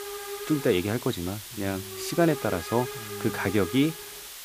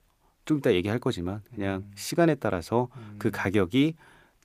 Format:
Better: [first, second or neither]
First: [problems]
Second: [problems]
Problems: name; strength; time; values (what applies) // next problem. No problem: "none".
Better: second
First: hiss; loud; throughout; 9 dB below the speech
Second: none